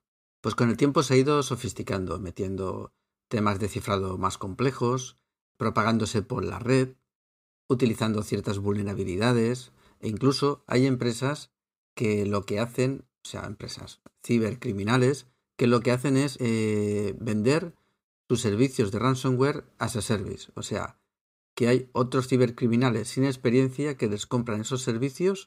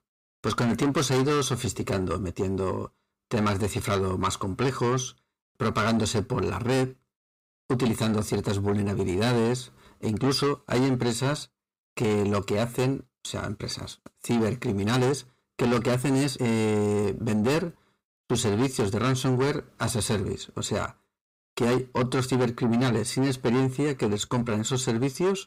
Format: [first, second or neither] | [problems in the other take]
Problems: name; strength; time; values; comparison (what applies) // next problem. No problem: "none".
first | distortion; heavy; 7 dB below the speech